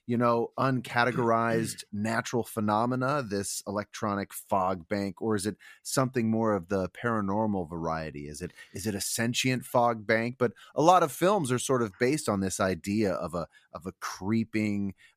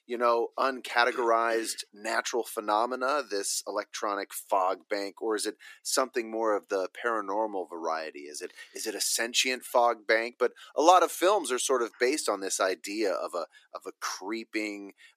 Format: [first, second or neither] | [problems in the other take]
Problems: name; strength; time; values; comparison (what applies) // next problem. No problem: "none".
first | thin; very; fading below 300 Hz